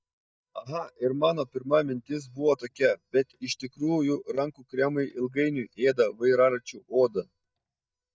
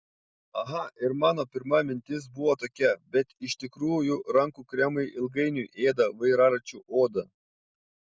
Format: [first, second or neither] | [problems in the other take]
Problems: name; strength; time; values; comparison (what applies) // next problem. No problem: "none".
second | noise reduction (neural mask model DeepFilterNet 3)